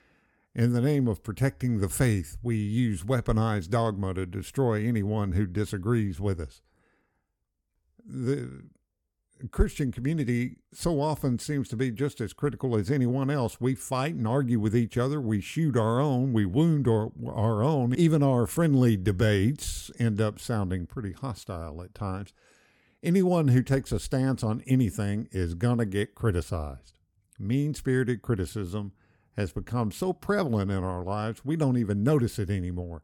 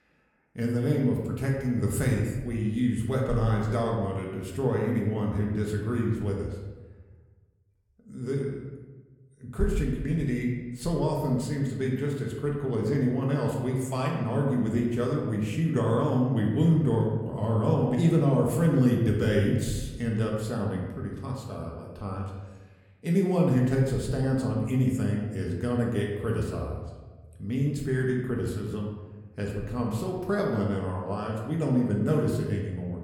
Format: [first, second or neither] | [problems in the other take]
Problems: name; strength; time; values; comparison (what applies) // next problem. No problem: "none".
first | room echo; noticeable; dies away in 1.1 s // off-mic speech; somewhat distant